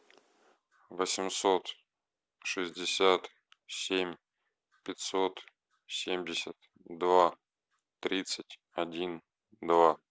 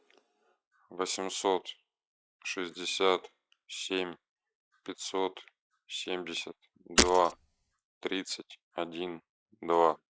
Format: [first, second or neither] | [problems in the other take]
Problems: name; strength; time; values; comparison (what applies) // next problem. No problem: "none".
first | noise reduction (classical method log-MMSE)